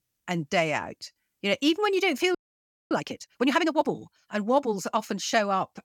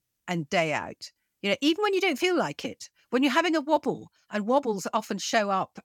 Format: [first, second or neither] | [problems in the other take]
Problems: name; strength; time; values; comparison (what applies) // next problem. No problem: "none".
second | audio freezing; at 2.5 s for 0.5 s